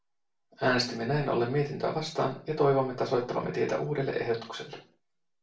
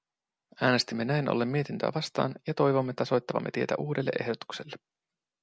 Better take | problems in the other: second | room echo; dies away in 0.3 s

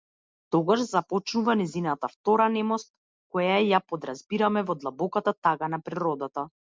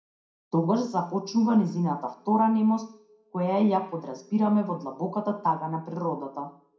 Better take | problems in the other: first | room echo; dies away in 0.5 s

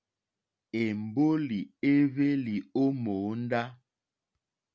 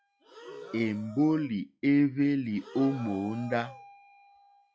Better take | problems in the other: first | noise reduction (classical method log-MMSE)

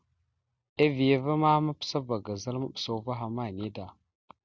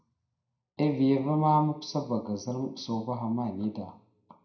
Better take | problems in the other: first | room echo; dies away in 0.5 s

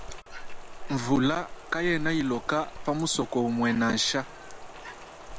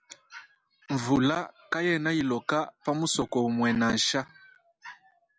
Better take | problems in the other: second | background sound (Rain); 10 dB below the speech

